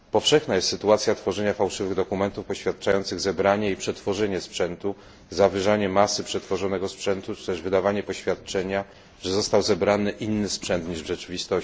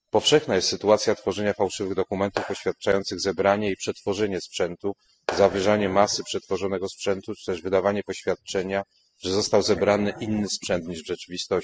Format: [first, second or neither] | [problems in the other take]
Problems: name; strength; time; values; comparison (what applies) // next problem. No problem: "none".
first | noise reduction (classical method spectral subtraction)